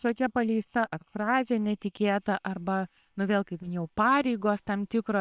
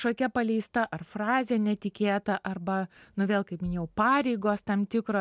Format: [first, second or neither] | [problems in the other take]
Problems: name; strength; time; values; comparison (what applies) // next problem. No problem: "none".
second | noise reduction (neural separator model SepFormer WHAM!)